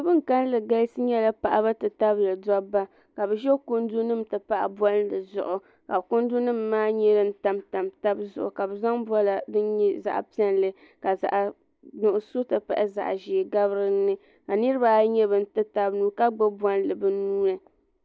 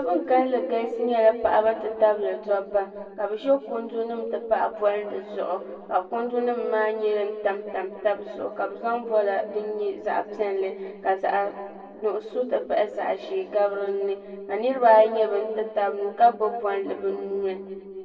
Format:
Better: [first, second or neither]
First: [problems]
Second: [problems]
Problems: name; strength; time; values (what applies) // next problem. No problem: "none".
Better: first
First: none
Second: room echo; dies away in 1.9 s